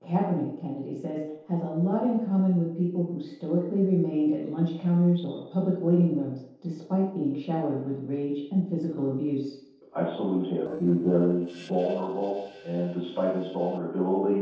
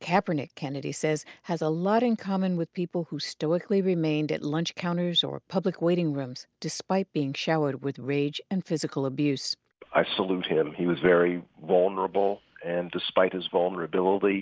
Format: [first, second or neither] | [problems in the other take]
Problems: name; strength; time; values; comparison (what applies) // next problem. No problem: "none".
second | noise reduction (neural separator model SepFormer DNS4)